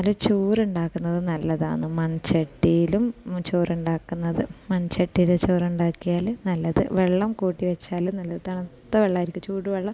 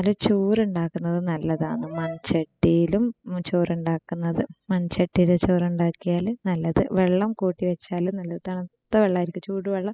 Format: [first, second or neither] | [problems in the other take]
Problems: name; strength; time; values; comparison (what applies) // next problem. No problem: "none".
first | noise reduction (classical method spectral subtraction)